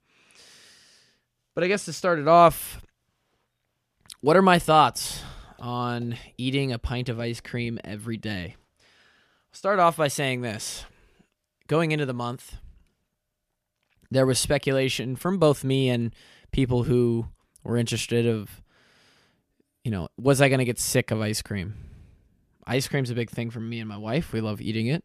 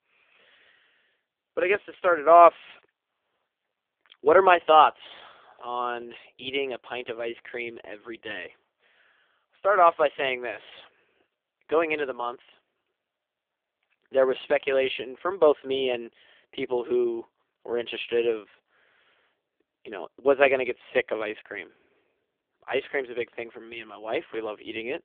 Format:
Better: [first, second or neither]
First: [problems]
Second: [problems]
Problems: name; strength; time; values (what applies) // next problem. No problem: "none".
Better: first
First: none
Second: phone-call audio; poor line; nothing above 3.5 kHz